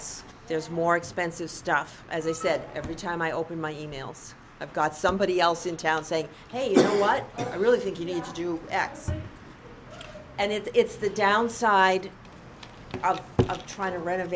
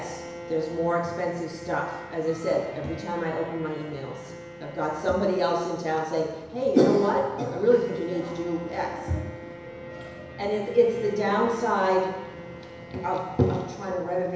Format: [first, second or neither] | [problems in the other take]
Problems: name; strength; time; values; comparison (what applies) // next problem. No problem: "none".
first | background sound (Bowed string instrument); 16 dB below the speech // room echo; dies away in 1 s